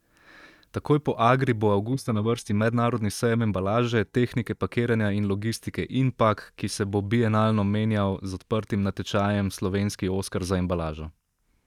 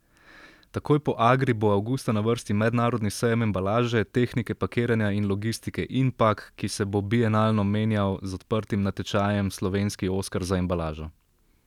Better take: second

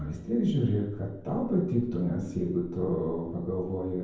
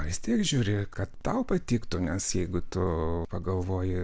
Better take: second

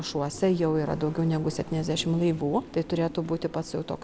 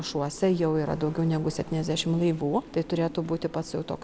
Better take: second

